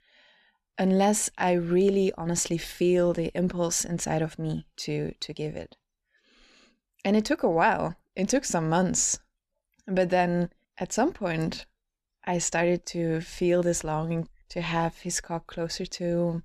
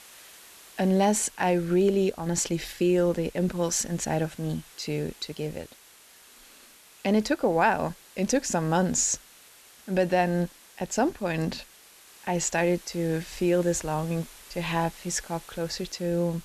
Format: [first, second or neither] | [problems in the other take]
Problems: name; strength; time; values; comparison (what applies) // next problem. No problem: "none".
first | hiss; faint; throughout; 20 dB below the speech